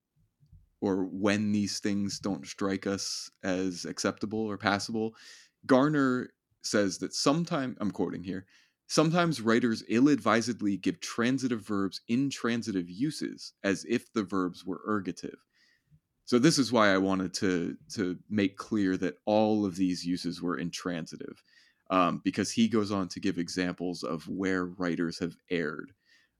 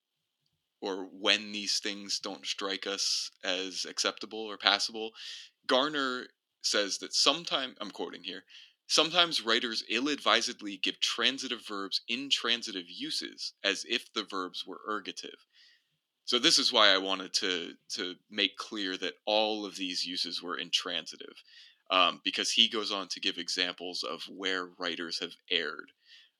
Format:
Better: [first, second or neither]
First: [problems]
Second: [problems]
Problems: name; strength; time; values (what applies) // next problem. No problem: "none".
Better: first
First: none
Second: thin; somewhat; fading below 450 Hz